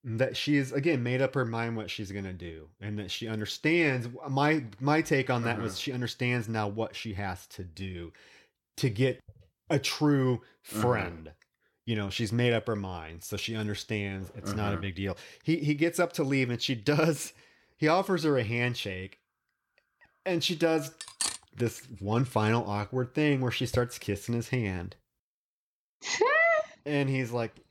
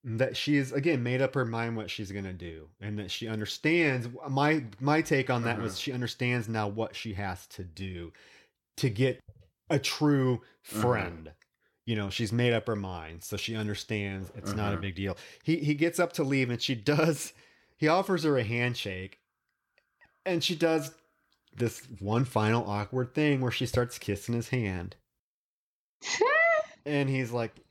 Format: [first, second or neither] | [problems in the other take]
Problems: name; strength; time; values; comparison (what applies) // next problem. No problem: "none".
second | clattering dishes; noticeable; at 21 s; peak 2 dB below the speech